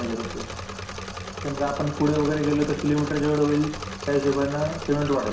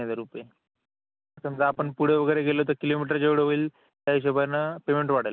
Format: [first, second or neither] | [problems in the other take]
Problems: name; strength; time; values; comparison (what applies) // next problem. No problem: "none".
second | background sound (Engine / Mechanisms); 9 dB below the speech // room echo; dies away in 0.7 s